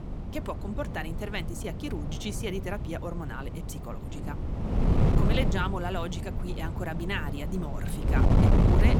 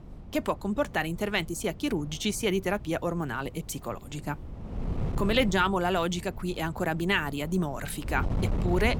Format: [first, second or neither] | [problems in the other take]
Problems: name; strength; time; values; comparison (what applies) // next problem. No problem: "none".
second | wind noise on the microphone; heavy; 2 dB below the speech; occasional gusts in the second